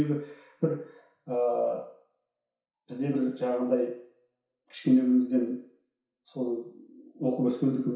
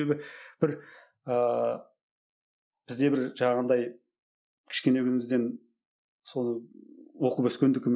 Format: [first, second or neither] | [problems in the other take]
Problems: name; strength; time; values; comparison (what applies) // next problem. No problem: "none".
second | room echo; dies away in 0.6 s